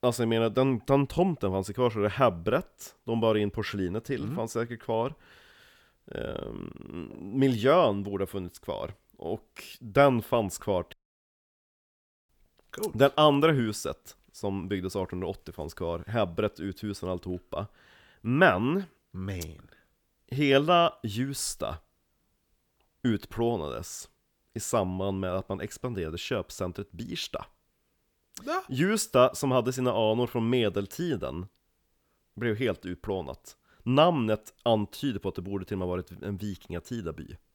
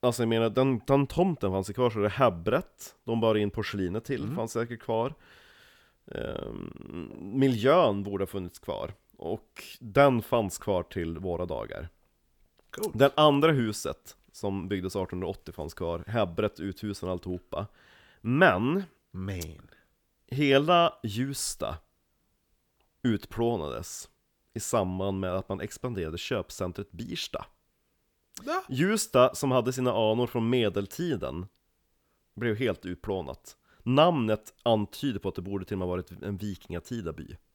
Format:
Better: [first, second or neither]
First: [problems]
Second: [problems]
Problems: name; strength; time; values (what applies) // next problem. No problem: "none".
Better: second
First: audio cutting out; at 11 s for 1.5 s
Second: none